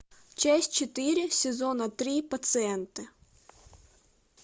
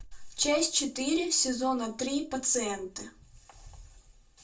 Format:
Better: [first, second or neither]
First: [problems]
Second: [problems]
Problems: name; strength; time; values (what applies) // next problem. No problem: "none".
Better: first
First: none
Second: room echo; dies away in 0.2 s